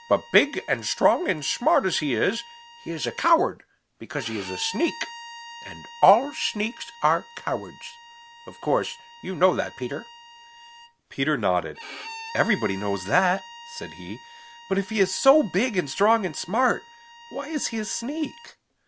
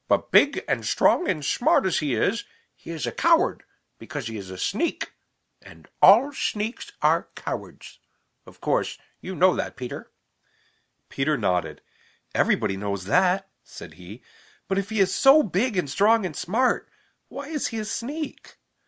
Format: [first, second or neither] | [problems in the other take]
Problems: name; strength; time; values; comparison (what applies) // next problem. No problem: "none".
second | background sound (Bowed string instrument); 18 dB below the speech